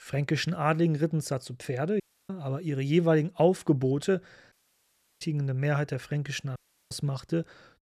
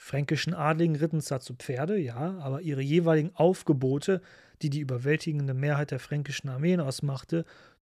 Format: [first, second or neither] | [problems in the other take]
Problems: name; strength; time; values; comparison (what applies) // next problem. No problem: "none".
second | audio cutting out; at 2 s, at 4.5 s for 0.5 s and at 6.5 s